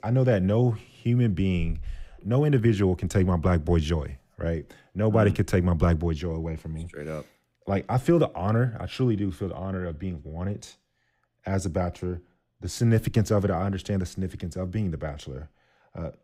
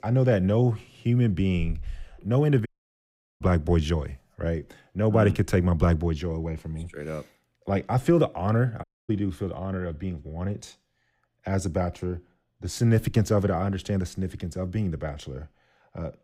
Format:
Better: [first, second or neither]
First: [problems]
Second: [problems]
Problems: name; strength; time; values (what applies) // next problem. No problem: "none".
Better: first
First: none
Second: audio cutting out; at 2.5 s for 0.5 s and at 9 s